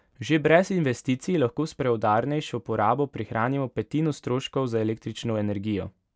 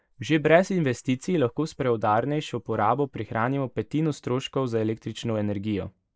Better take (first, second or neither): first